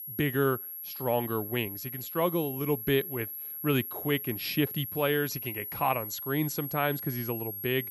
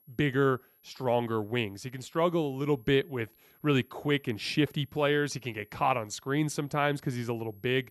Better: second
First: high-pitched whine; loud; throughout; 11.5 kHz, 6 dB below the speech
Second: high-pitched whine; faint; throughout; 11.5 kHz, 30 dB below the speech

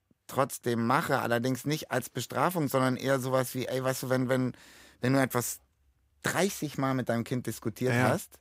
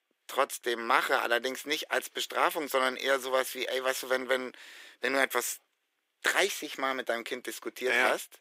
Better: first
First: none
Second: thin; very; fading below 350 Hz

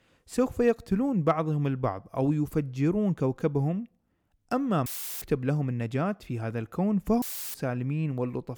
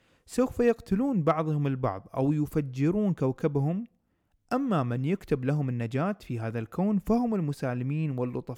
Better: second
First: audio cutting out; filled with static; at 5 s and at 7 s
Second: none

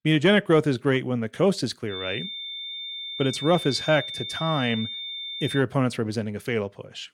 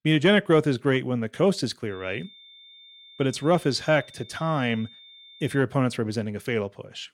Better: second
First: high-pitched whine; loud; from 2 to 5.5 s; 3.5 kHz, 7 dB below the speech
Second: high-pitched whine; faint; from 2 to 5.5 s; 3.5 kHz, 20 dB below the speech

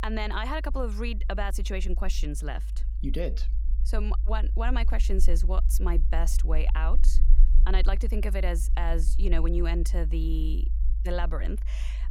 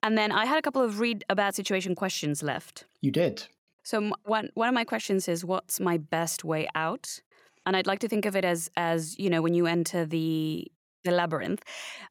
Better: second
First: low rumble; noticeable; throughout; 15 dB below the speech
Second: none

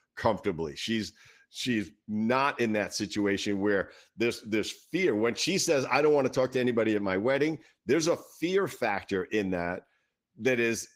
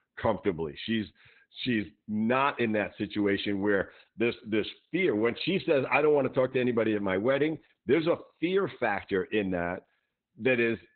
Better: first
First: garbled, watery; slightly; nothing above 15.5 kHz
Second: garbled, watery; badly; nothing above 4 kHz

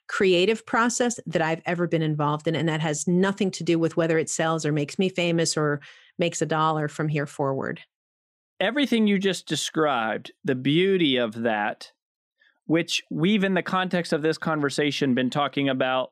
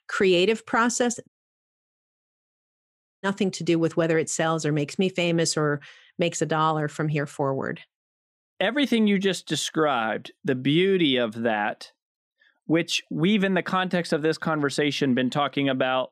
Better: first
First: none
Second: audio cutting out; at 1.5 s for 2 s

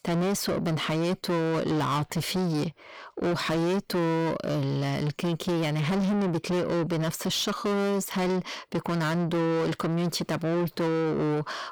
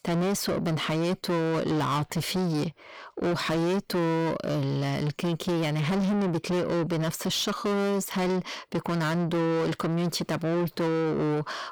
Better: neither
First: distortion; heavy; 8 dB below the speech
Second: distortion; heavy; 8 dB below the speech

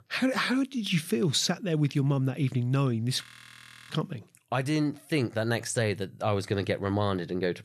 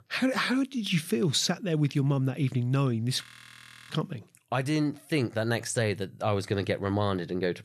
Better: neither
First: audio freezing; at 3 s for 0.5 s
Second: audio freezing; at 3 s for 0.5 s

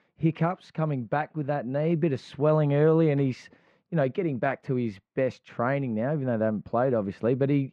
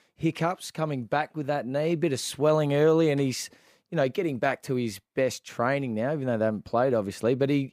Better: second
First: muffled; very; fading above 2 kHz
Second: none

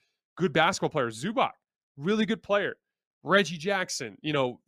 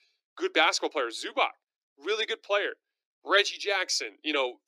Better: first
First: none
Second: thin; very; fading below 300 Hz

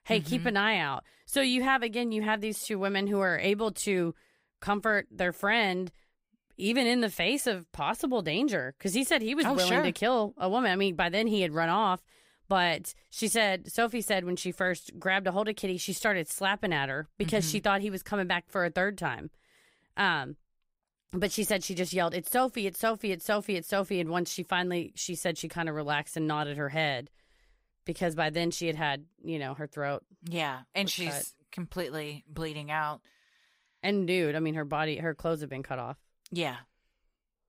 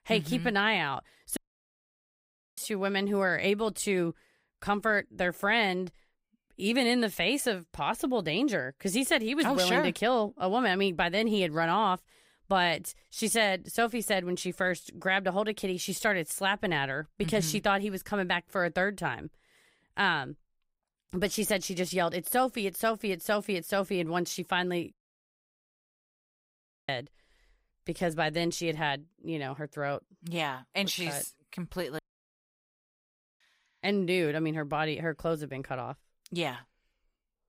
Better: first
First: none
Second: audio cutting out; at 1.5 s for 1 s, at 25 s for 2 s and at 32 s for 1.5 s

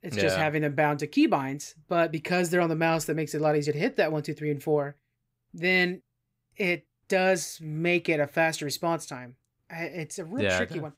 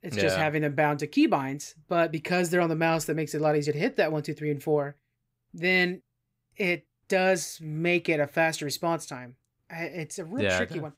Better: neither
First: none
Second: none

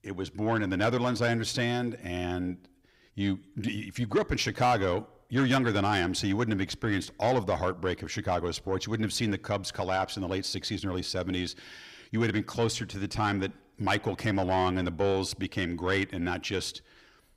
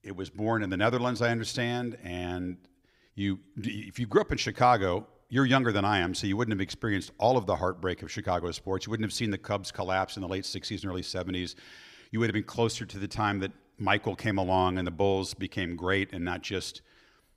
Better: second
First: distortion; slight; 10 dB below the speech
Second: none

